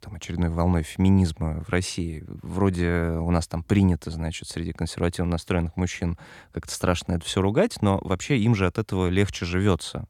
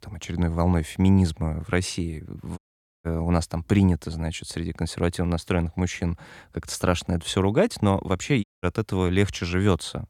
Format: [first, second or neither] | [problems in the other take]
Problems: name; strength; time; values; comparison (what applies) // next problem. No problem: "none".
first | audio cutting out; at 2.5 s and at 8.5 s